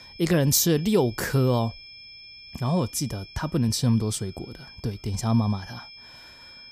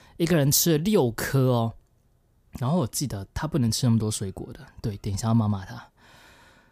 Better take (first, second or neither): second